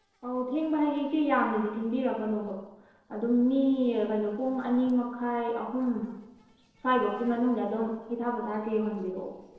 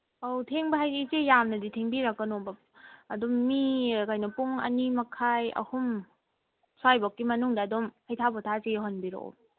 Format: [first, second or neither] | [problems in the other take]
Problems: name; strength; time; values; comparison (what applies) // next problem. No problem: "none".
second | noise reduction (neural separator model SepFormer DNS4)